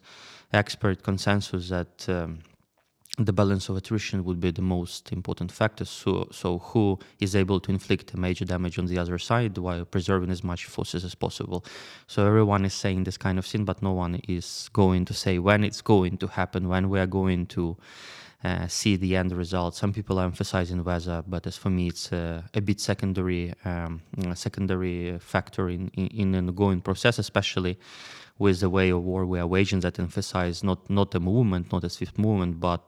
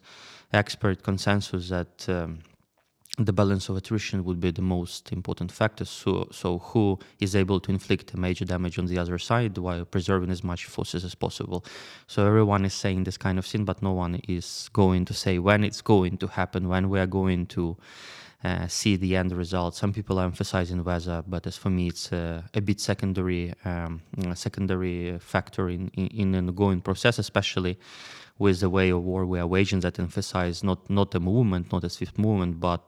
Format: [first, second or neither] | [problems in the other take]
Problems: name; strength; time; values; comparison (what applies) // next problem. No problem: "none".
neither | none